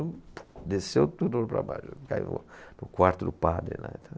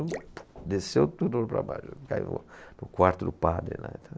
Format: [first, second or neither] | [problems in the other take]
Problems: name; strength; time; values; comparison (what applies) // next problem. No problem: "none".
first | background sound (Drip / Splash, splatter); 17 dB below the speech